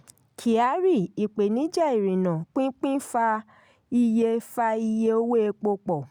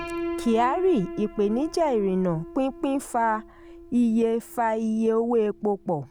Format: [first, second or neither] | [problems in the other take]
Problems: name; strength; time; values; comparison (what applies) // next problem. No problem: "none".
first | background sound (Piano); 14 dB below the speech